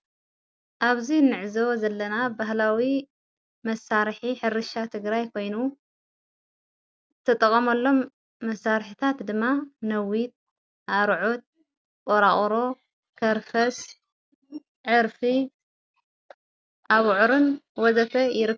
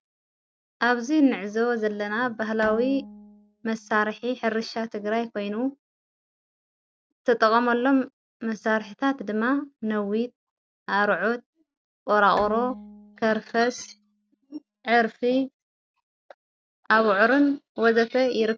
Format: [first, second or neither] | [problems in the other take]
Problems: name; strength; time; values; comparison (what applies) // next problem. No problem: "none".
first | noise reduction (neural separator model SepFormer DNS4)